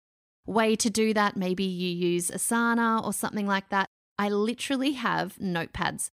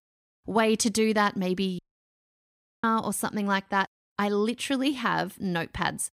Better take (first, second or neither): first